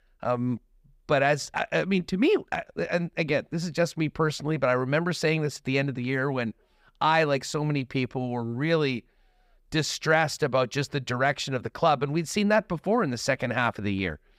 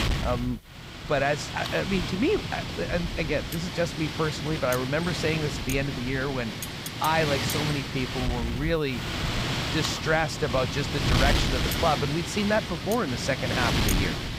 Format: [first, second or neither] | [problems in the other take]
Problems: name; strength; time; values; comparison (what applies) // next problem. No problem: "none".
first | wind noise on the microphone; heavy; 3 dB below the speech